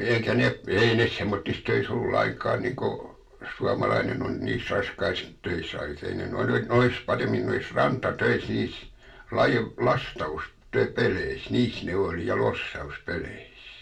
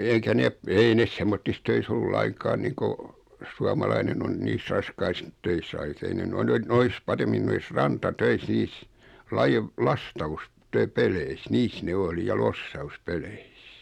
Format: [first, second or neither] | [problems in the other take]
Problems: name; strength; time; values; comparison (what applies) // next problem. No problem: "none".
second | room echo; dies away in 0.2 s